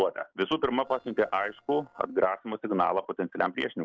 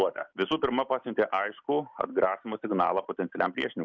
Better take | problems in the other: second | noise reduction (neural separator model SepFormer DNS4)

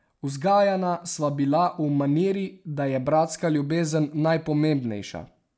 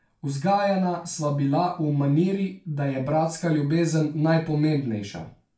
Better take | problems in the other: first | room echo; dies away in 0.3 s

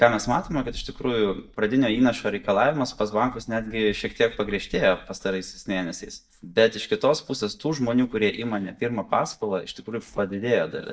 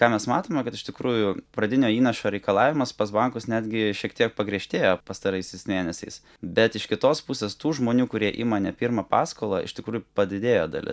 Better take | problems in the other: second | noise reduction (neural mask model DeepFilterNet 3)

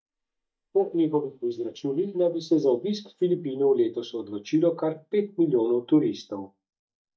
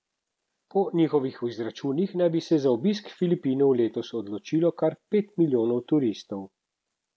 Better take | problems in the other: second | noise reduction (neural mask model DeepFilterNet 3)

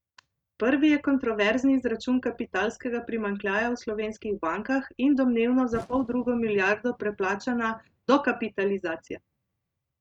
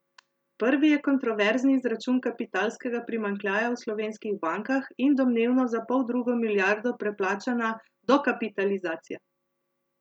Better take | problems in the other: second | noise reduction (neural mask model RNNoise)

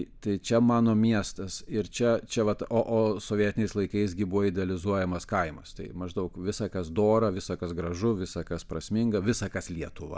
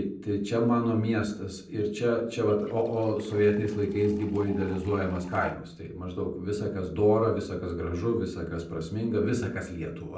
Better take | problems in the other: first | noise reduction (neural separator model SepFormer DNS4)

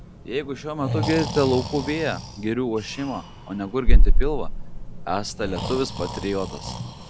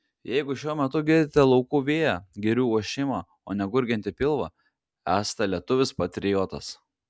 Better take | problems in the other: second | background sound (Breathing); 5 dB above the speech

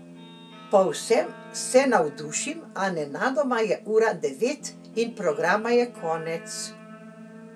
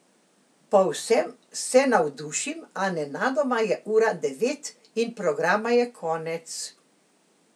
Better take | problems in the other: second | background sound (Guitar); 18 dB below the speech

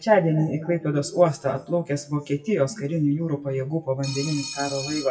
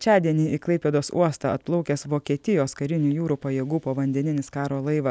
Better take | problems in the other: second | noise reduction (classical method WPE with log-MMSE)

